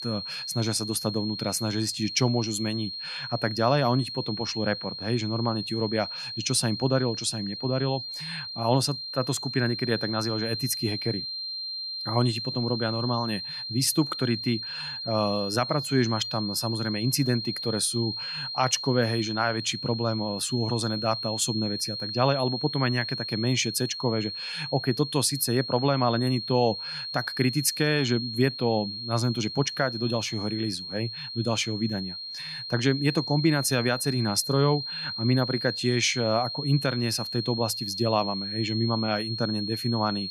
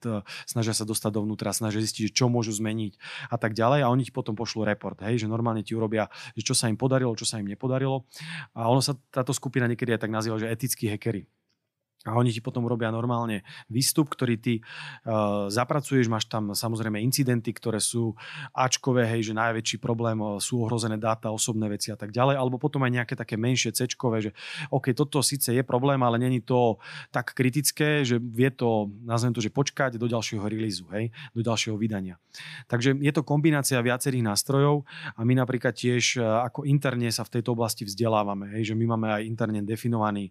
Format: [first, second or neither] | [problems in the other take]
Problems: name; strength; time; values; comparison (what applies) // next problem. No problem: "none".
second | high-pitched whine; loud; throughout; 4 kHz, 5 dB below the speech